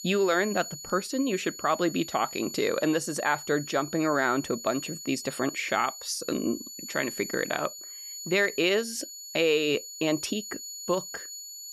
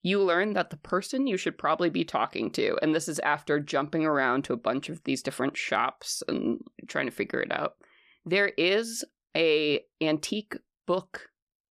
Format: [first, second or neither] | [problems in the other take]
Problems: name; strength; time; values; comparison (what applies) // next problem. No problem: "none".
second | high-pitched whine; noticeable; throughout; 7 kHz, 10 dB below the speech